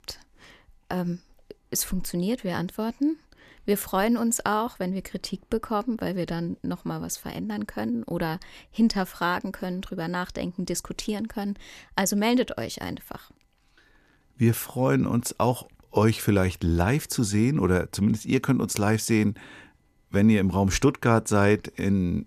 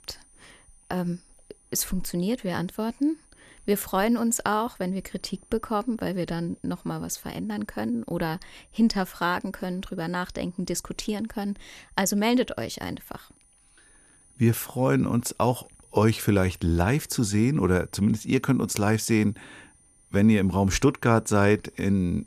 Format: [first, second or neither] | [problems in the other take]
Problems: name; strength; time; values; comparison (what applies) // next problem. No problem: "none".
first | high-pitched whine; faint; throughout; 9.5 kHz, 30 dB below the speech